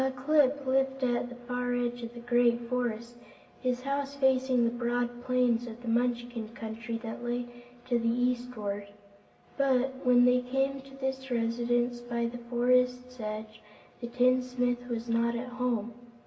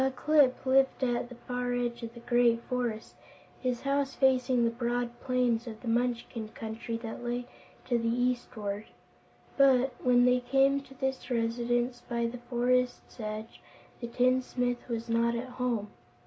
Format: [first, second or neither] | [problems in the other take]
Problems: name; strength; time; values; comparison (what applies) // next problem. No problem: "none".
second | room echo; dies away in 0.9 s